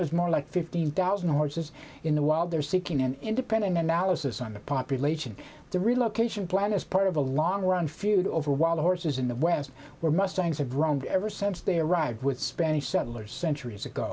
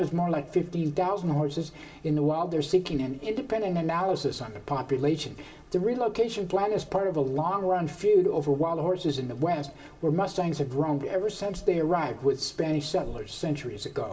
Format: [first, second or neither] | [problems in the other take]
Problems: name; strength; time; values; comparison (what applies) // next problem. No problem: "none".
first | room echo; dies away in 0.8 s